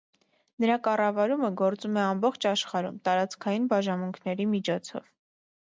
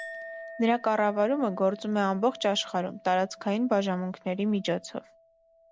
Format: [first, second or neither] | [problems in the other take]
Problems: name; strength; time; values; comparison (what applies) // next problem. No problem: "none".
first | background sound (Chink, clink); 19 dB below the speech